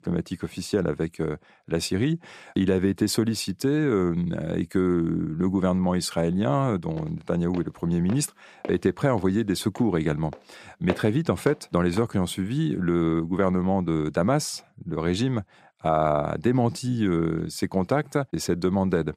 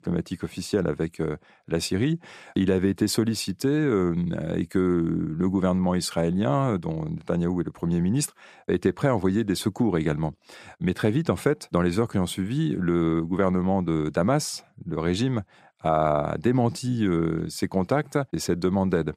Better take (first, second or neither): second